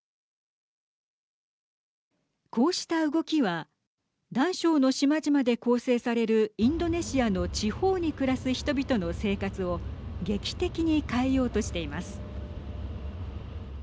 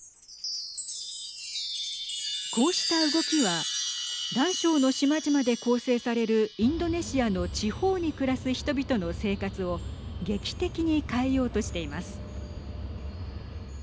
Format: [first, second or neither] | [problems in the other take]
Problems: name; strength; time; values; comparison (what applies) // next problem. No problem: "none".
first | background sound (Chime); 8 dB below the speech